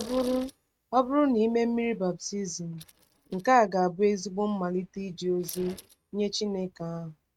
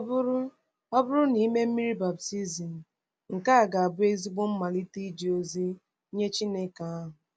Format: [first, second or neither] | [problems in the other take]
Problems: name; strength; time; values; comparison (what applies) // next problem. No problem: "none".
second | noise reduction (neural mask model RNNoise)